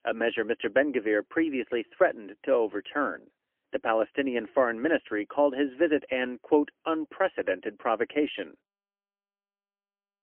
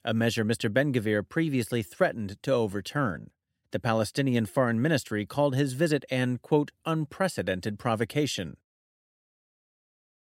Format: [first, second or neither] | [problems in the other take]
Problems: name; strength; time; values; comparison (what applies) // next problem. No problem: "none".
second | phone-call audio; poor line; nothing above 3 kHz